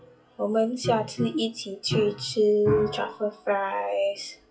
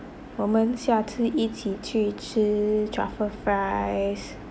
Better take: second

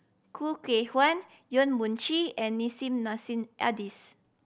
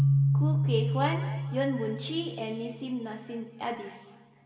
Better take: first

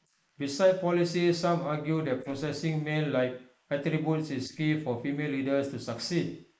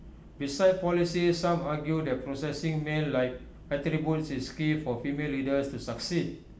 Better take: second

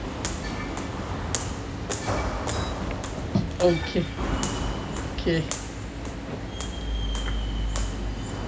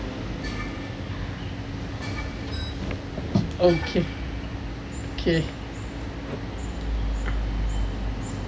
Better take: second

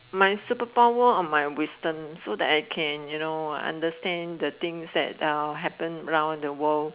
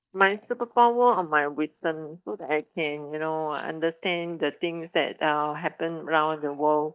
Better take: first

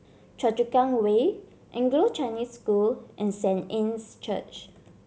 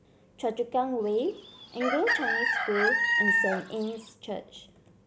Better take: first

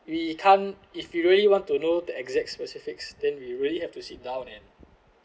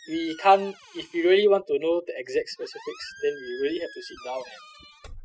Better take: first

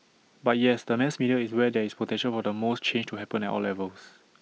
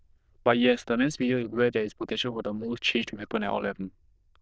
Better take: first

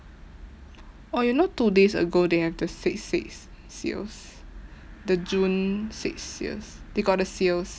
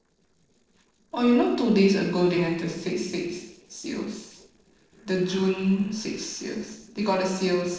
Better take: first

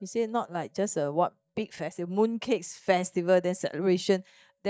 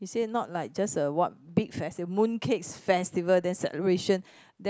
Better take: second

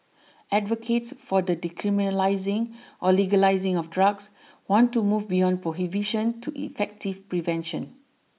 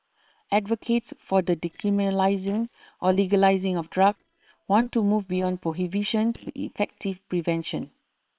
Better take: first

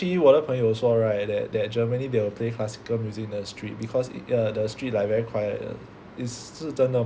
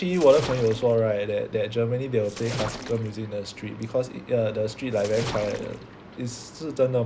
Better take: first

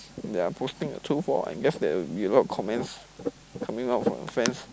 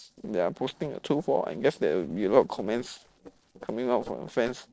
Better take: first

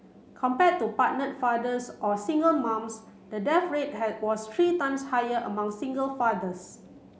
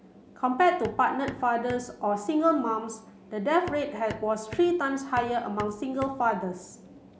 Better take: first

